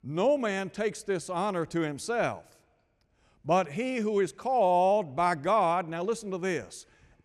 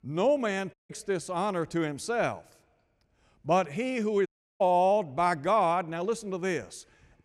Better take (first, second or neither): first